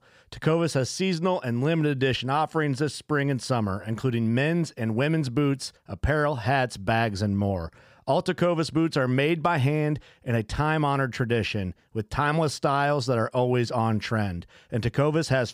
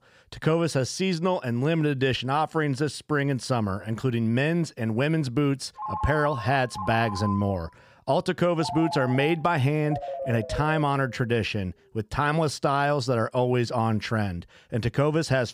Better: first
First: none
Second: phone ringing; noticeable; from 6 to 11 s; peak 6 dB below the speech

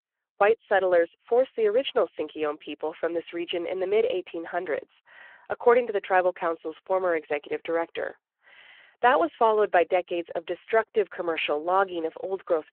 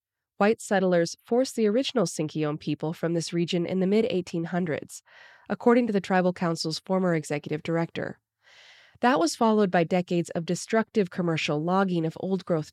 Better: second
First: phone-call audio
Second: none

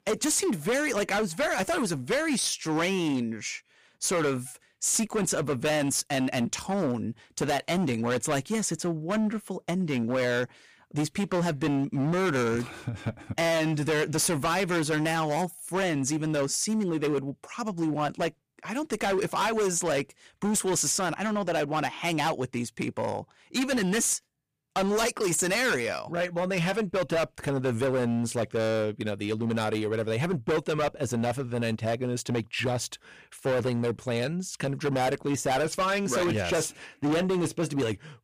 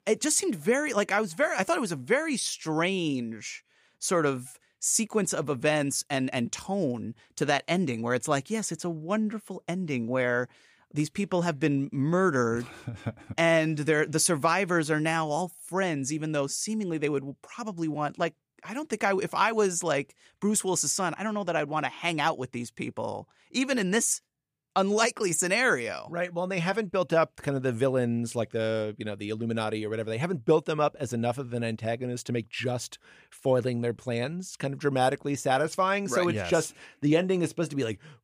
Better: second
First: distortion; heavy; 17% of the sound clipped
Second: none

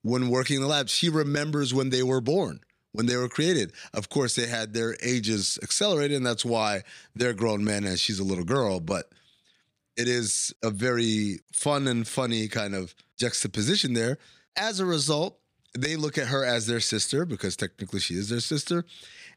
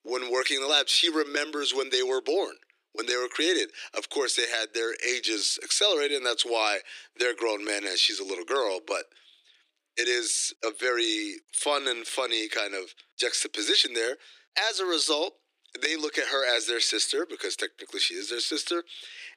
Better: first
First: none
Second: thin; very; fading below 300 Hz

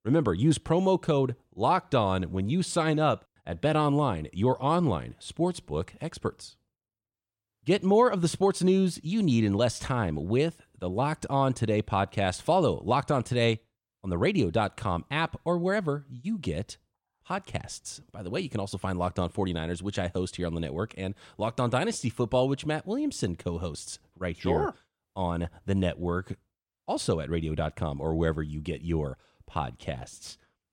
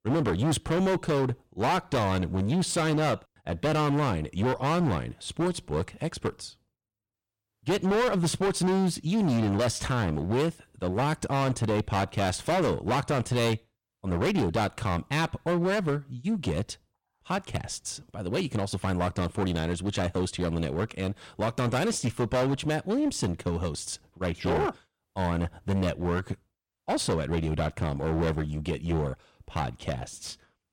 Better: first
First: none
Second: distortion; heavy; 17% of the sound clipped

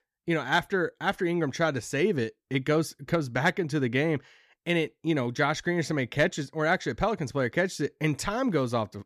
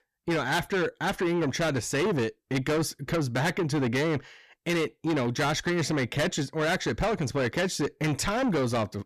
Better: first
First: none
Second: distortion; heavy; 6 dB below the speech

